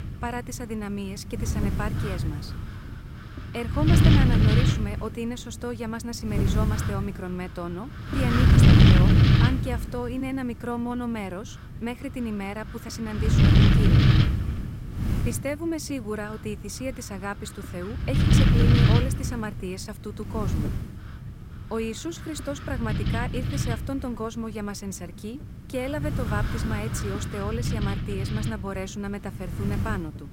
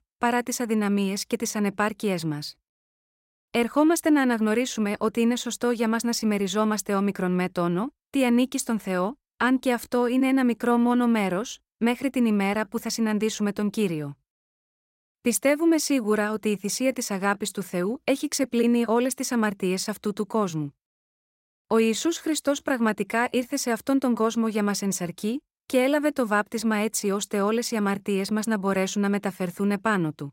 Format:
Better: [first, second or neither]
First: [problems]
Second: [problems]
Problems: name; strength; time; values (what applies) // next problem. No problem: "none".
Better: second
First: wind noise on the microphone; heavy; 3 dB above the speech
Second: none